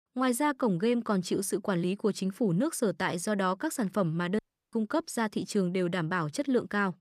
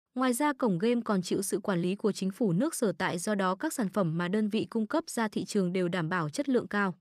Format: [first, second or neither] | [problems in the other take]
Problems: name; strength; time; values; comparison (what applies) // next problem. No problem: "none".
second | audio cutting out; at 4.5 s